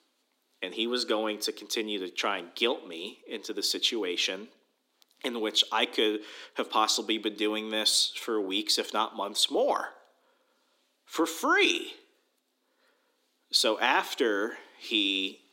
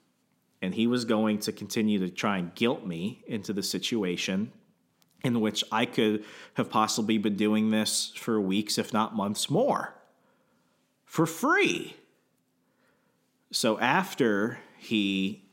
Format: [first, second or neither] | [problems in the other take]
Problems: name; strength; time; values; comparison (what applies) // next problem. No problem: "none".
second | thin; somewhat; fading below 300 Hz